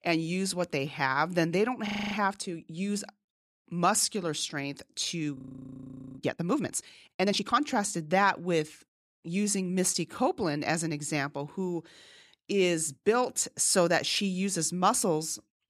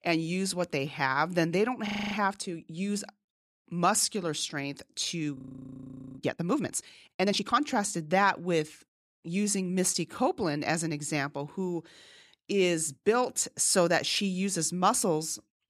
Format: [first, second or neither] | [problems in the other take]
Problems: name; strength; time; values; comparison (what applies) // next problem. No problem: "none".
neither | audio freezing; at 2 s and at 5.5 s for 1 s; the same in both